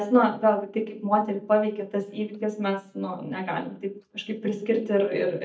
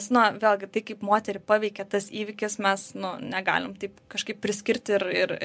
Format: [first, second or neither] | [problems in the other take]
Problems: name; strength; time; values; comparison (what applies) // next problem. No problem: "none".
second | noise reduction (neural mask model DeepFilterNet 3)